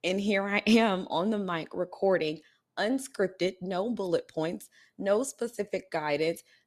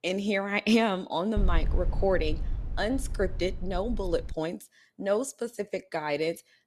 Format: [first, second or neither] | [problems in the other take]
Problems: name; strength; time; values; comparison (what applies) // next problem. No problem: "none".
first | low rumble; faint; from 1.5 to 4.5 s; 20 dB below the speech